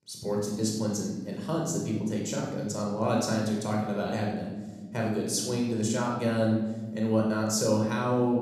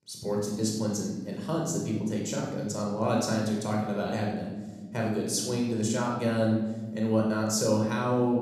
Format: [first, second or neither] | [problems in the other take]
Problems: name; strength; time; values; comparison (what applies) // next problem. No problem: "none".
neither | off-mic speech; somewhat distant; the same in both // room echo; noticeable; dies away in 1.3 s; the same in both